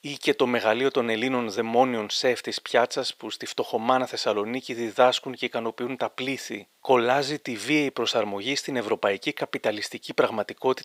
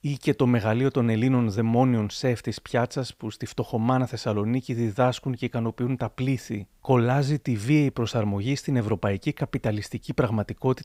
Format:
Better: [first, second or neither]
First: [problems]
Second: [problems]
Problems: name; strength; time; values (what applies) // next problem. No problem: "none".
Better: second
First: thin; somewhat; fading below 450 Hz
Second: none